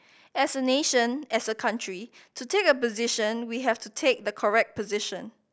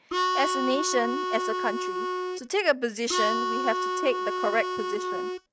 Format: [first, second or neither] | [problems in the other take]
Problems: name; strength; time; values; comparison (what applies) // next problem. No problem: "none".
first | noise reduction (neural mask model RNNoise)